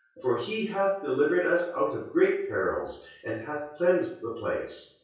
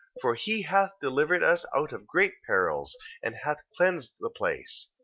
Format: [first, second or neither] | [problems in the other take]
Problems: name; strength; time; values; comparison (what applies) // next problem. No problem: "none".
second | room echo; dies away in 0.6 s